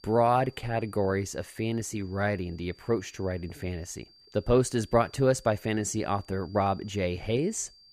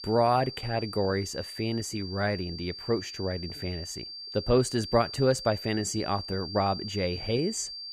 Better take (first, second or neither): first